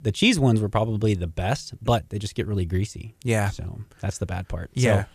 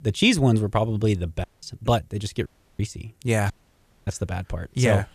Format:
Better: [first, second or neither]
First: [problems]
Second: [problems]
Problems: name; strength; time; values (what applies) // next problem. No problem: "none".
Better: first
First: none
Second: audio cutting out; at 1.5 s, at 2.5 s and at 3.5 s for 0.5 s